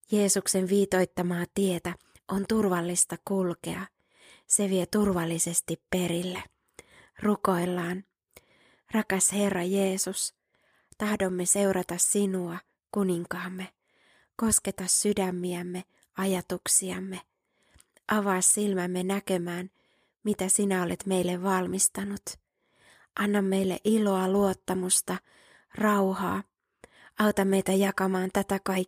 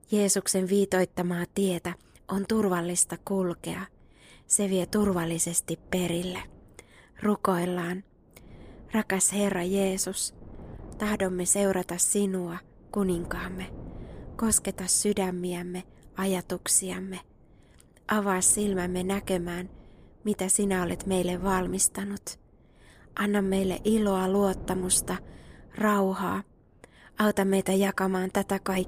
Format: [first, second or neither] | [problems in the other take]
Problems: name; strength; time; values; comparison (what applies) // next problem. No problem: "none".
first | wind noise on the microphone; occasional gusts; 25 dB below the speech